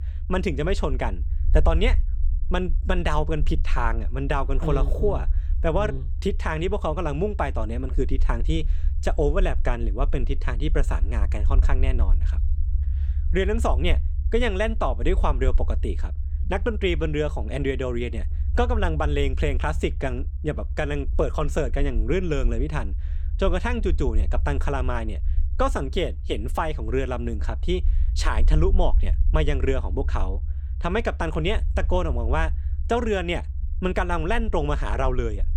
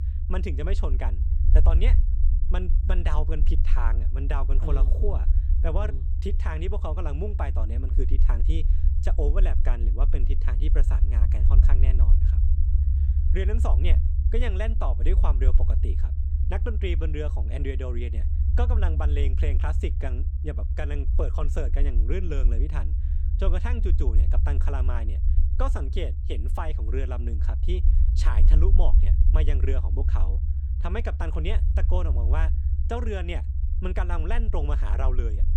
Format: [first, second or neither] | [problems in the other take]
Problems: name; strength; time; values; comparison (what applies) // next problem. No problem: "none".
first | low rumble; loud; throughout; 8 dB below the speech; faint in the first